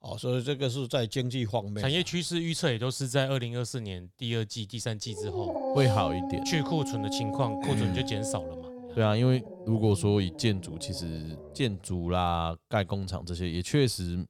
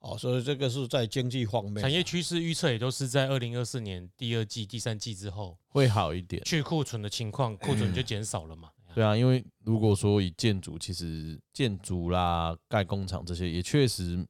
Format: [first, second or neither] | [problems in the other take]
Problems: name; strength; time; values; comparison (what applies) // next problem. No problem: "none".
second | dog barking; noticeable; from 5 to 12 s; peak 1 dB below the speech